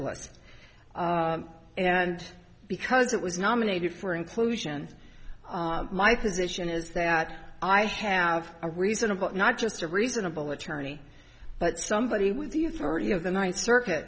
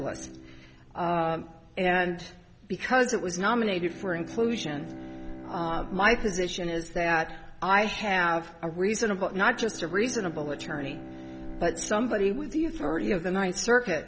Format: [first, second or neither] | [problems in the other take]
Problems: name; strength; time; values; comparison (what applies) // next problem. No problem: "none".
first | background sound (Bowed string instrument); 17 dB below the speech